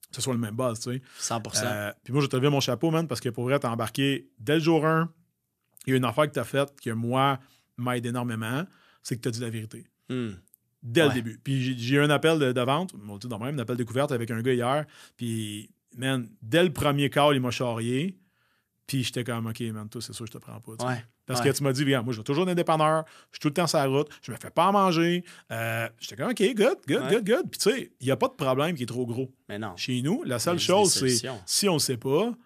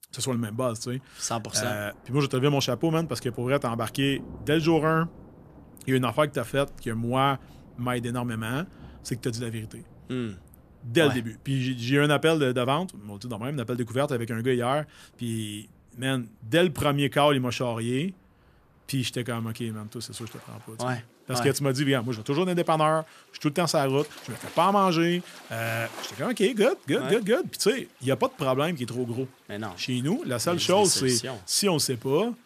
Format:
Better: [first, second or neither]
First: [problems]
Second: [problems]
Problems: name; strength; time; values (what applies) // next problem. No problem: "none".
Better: first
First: none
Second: rain or running water; faint; throughout; 25 dB below the speech